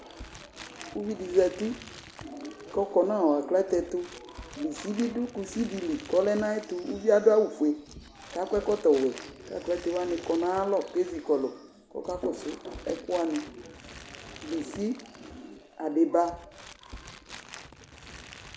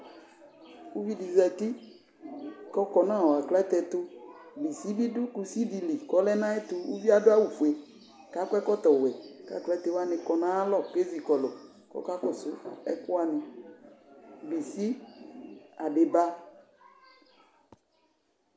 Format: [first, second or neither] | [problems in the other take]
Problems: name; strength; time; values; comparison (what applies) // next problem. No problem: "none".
second | background sound (Crumpling, crinkling); 18 dB below the speech